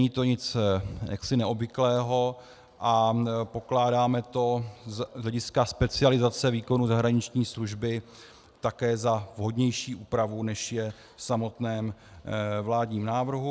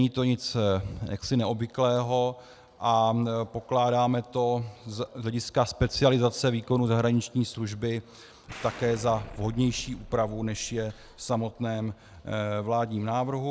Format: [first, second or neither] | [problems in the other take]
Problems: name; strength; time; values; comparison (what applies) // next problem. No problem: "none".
first | background sound (Explosion); 17 dB below the speech